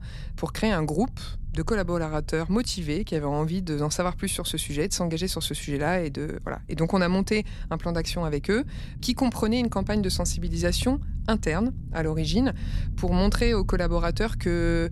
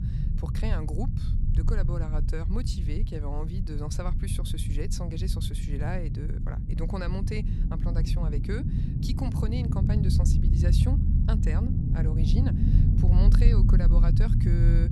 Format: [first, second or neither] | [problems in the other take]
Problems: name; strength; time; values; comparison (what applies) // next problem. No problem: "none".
first | low rumble; loud; throughout; as loud as the speech; faint in the first